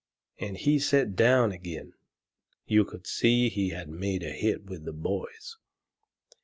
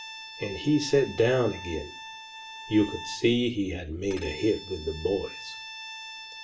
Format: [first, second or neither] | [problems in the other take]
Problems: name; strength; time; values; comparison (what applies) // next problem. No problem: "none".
first | background sound (Bowed string instrument); 14 dB below the speech // room echo; dies away in 0.4 s